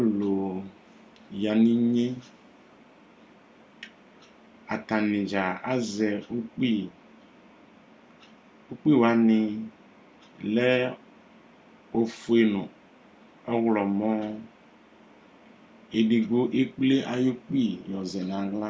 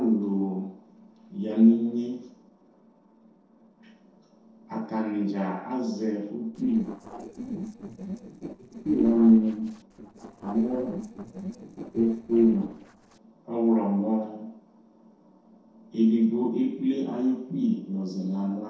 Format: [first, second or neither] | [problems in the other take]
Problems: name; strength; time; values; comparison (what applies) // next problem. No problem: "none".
first | noise reduction (neural separator model SepFormer DNS4)